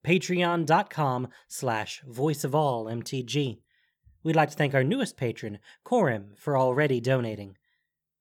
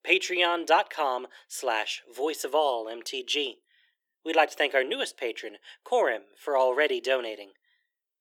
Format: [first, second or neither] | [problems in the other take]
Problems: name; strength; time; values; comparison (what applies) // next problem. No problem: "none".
first | thin; very; fading below 350 Hz